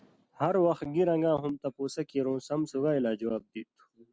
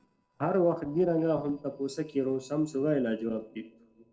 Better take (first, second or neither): first